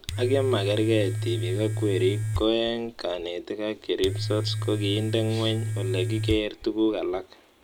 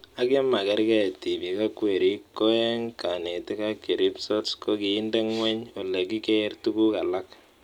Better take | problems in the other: second | background sound (Domestic sounds, home sounds); 3 dB below the speech

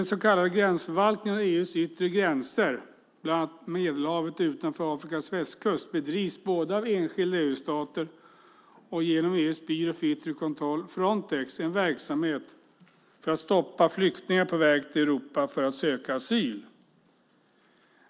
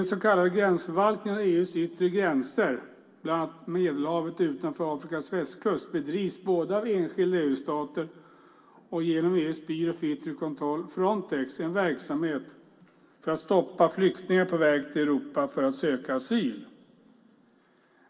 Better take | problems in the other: first | room echo; dies away in 1.4 s

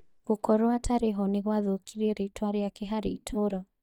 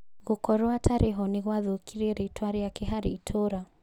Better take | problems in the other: second | noise reduction (neural mask model DeepFilterNet 3)

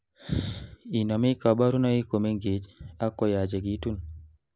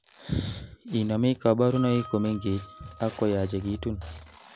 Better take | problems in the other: first | background sound (Harp + Tearing); 19 dB below the speech

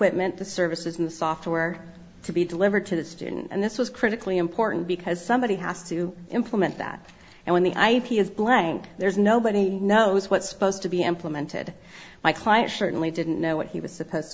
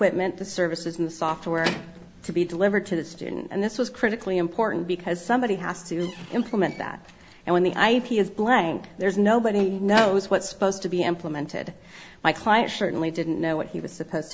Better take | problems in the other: first | background sound (Squeak / Slam / Wood); 18 dB below the speech

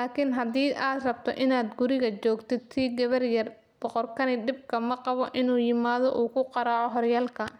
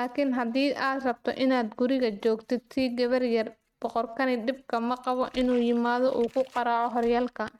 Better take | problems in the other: first | noise reduction (neural mask model RNNoise)

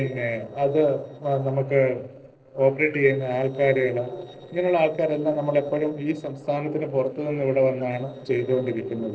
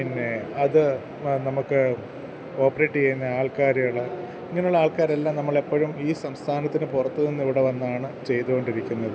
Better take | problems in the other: second | noise reduction (neural separator model SepFormer DNS4)

